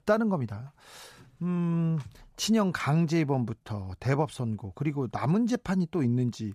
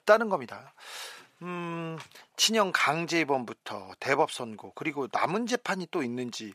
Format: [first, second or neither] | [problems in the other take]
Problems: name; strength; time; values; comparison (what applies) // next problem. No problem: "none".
first | thin; very; fading below 450 Hz